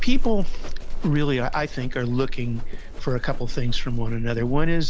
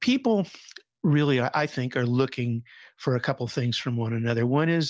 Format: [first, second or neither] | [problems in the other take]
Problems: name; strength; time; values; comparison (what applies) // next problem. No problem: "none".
second | background sound (Livestock, farm animals, working animals); 4 dB above the speech